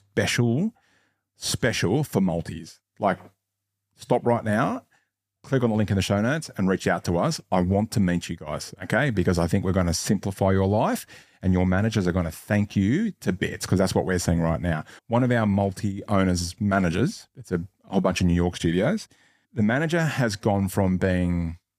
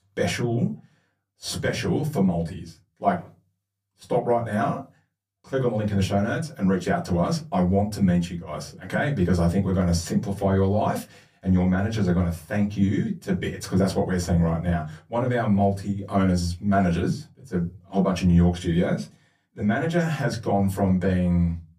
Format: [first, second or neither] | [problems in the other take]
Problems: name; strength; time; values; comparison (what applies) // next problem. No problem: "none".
first | off-mic speech; far // room echo; very slight; dies away in 0.2 s